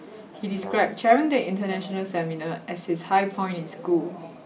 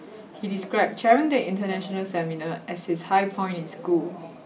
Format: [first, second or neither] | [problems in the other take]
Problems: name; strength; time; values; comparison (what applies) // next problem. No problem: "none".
second | background sound (Brass instrument); 13 dB below the speech